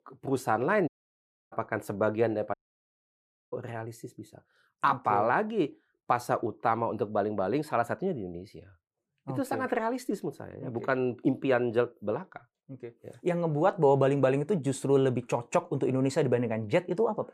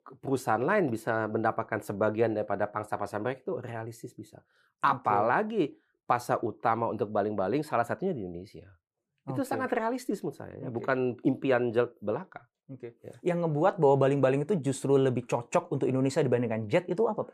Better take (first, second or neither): second